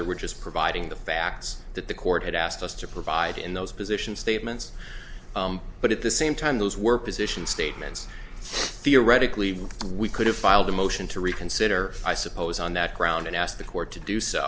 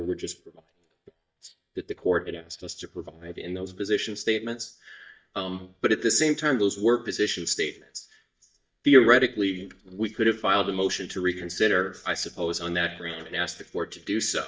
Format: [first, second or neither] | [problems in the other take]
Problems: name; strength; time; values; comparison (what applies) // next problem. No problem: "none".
first | noise reduction (neural mask model DeepFilterNet 3)